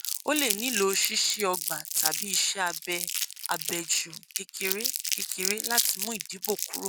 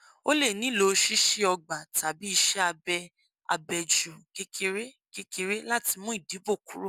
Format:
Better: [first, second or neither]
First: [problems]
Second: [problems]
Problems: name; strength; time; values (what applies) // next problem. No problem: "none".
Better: second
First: background sound (Crumpling, crinkling); 1 dB below the speech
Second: none